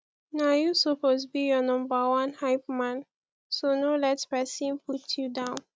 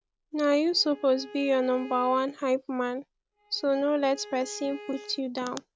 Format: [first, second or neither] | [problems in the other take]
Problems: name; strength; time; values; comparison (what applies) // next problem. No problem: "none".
first | background sound (Bowed string instrument); 20 dB below the speech